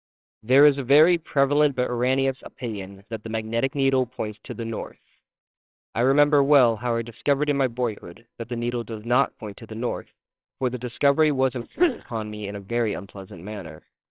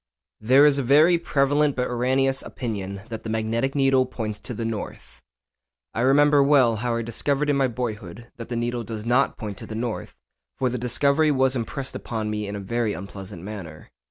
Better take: second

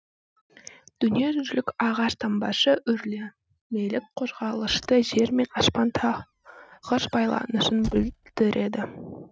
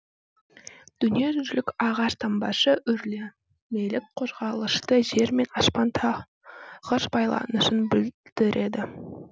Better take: second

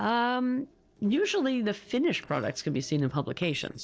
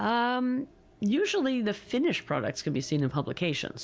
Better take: second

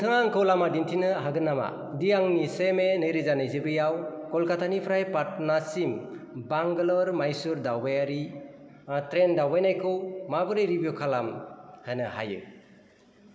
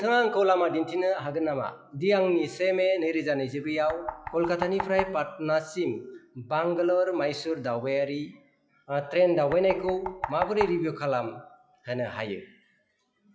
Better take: first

